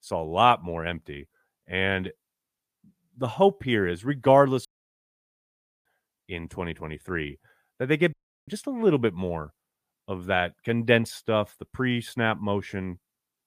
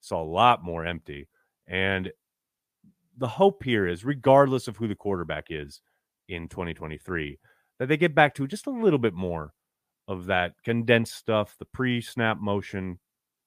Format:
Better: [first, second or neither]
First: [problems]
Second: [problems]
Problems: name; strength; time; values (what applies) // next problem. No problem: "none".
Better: second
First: audio cutting out; at 4.5 s for 1 s and at 8 s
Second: none